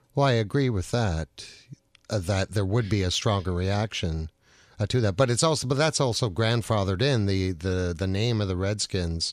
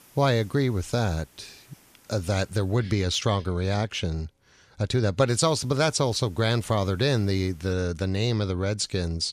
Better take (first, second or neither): first